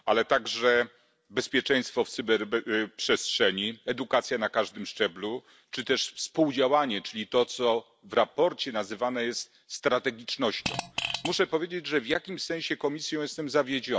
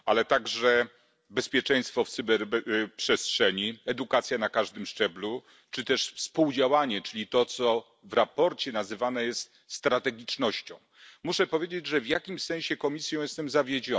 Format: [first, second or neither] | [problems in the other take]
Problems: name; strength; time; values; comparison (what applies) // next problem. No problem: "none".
second | background sound (Fart); 6 dB below the speech